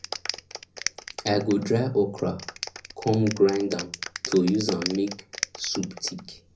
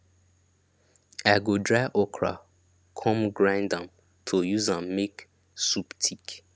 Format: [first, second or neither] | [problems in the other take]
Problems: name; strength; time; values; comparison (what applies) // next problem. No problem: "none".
second | background sound (Clapping); 10 dB below the speech // room echo; dies away in 0.4 s